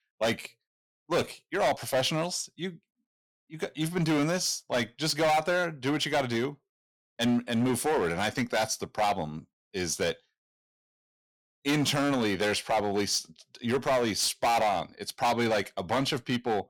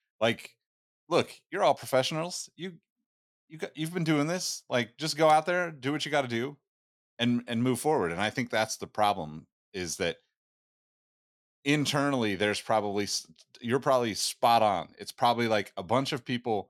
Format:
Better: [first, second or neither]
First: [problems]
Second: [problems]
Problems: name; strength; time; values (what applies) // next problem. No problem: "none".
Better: second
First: distortion; heavy; 9% of the sound clipped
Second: none